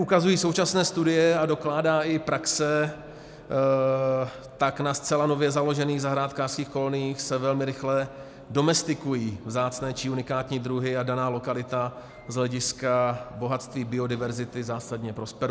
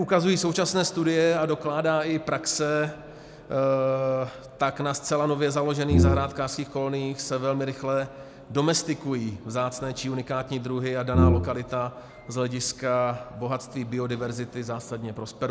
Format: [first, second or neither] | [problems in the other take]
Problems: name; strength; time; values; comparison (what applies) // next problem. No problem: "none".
first | background sound (Brass instrument); 4 dB above the speech